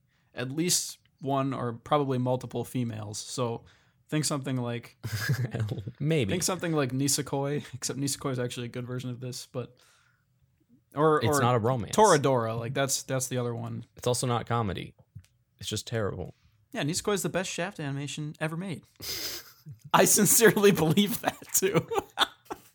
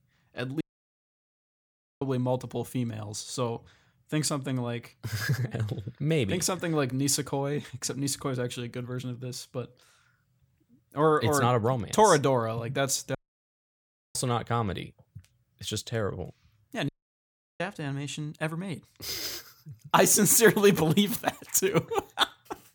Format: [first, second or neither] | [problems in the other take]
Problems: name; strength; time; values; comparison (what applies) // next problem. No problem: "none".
first | audio cutting out; at 0.5 s for 1.5 s, at 13 s for 1 s and at 17 s for 0.5 s